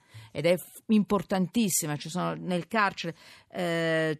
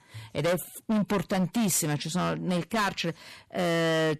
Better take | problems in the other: first | distortion; heavy; 19% of the sound clipped

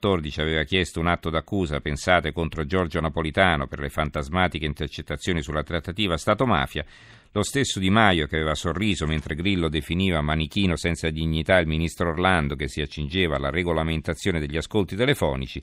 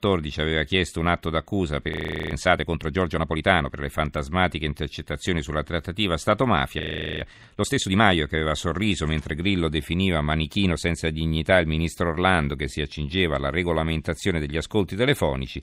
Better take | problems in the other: first | audio freezing; at 2 s and at 7 s

